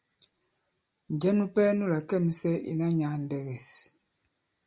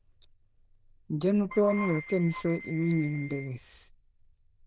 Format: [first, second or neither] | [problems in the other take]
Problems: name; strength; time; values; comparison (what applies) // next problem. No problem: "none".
first | noise reduction (neural diffusion model UNIVERSE++)